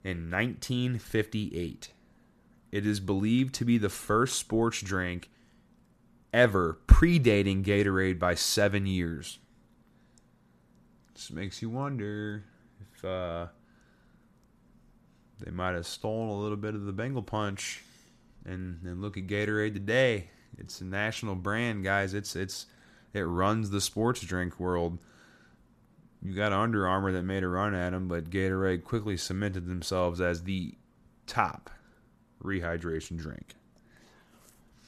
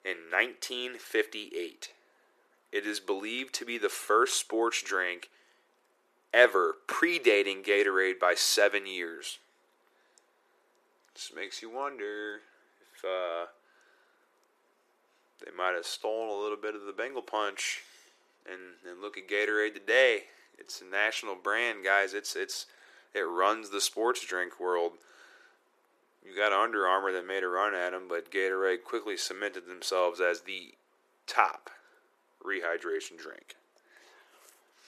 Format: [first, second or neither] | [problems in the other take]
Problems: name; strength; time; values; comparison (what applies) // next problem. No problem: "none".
first | thin; very; fading below 350 Hz